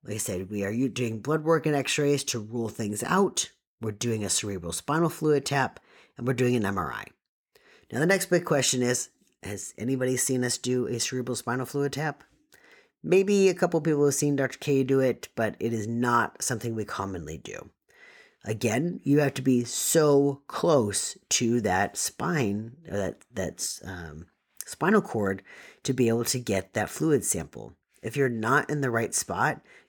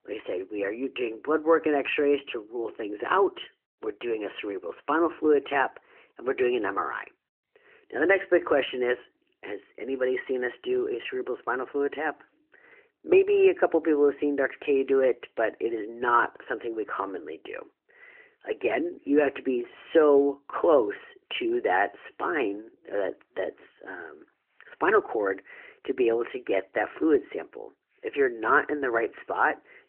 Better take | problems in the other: first | phone-call audio; nothing above 3 kHz

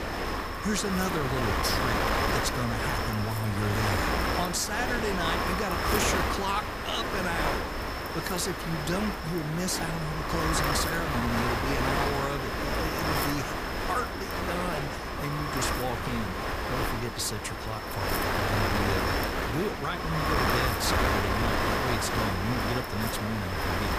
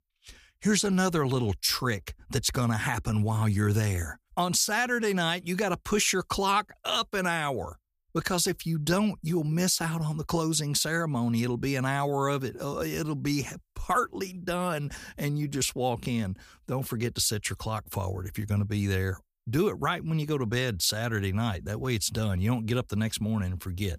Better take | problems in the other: second | wind noise on the microphone; heavy; 5 dB above the speech

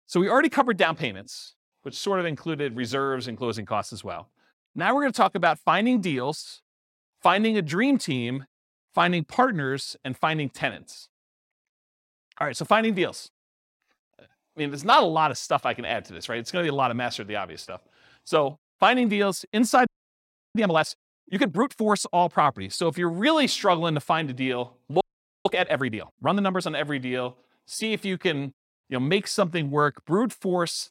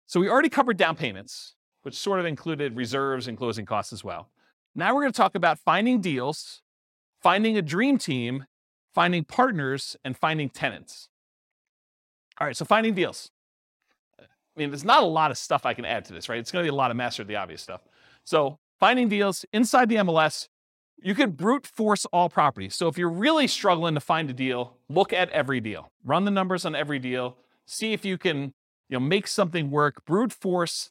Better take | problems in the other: second | audio freezing; at 20 s for 0.5 s and at 25 s

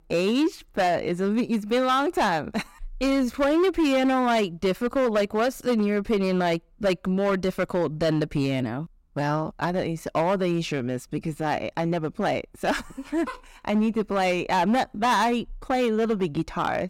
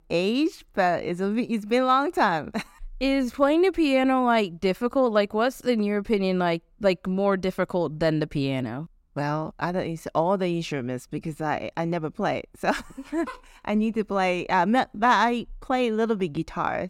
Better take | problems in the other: second | distortion; slight; 10% of the sound clipped

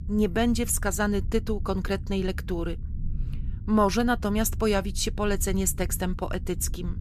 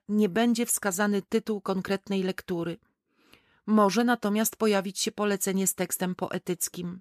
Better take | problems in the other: second | low rumble; faint; throughout; 20 dB below the speech

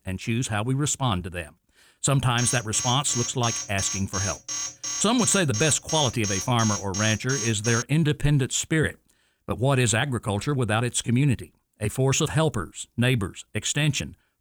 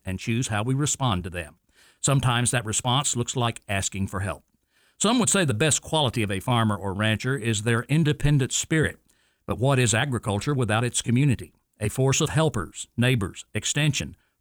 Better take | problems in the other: second | alarm; noticeable; from 2.5 to 8 s; peak 4 dB below the speech

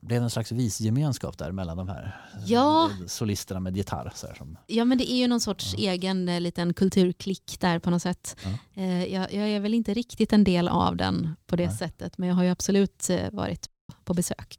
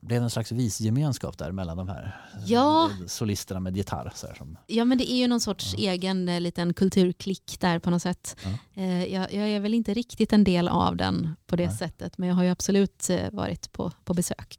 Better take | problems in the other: second | audio cutting out; at 14 s

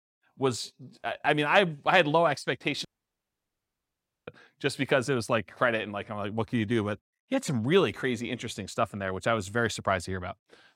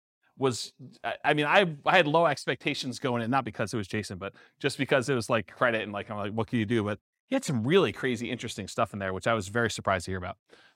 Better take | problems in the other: second | audio cutting out; at 3 s for 1.5 s

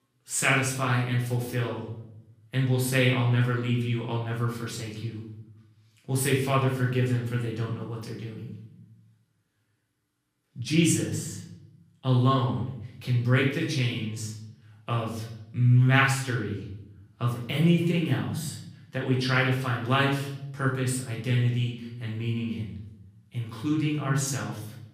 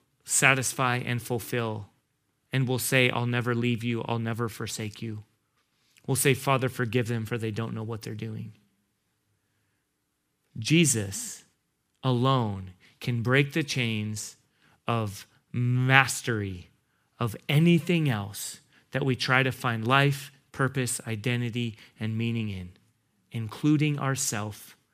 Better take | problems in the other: second | off-mic speech; far // room echo; noticeable; dies away in 0.7 s

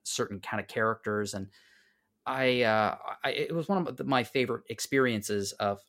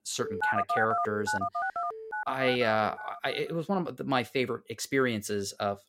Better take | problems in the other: first | phone ringing; loud; until 3.5 s; peak 3 dB above the speech

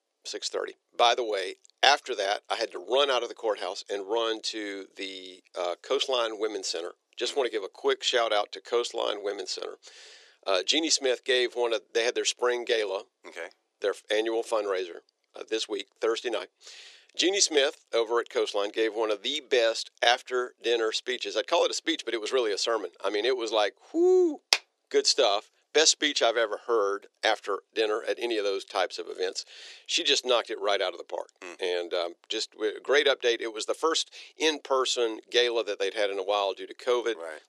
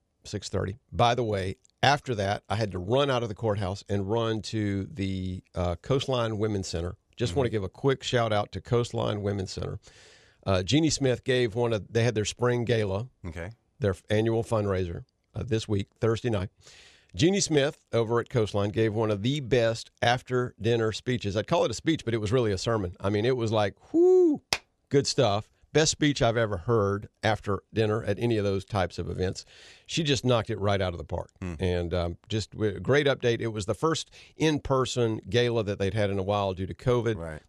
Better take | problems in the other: second | thin; very; fading below 350 Hz

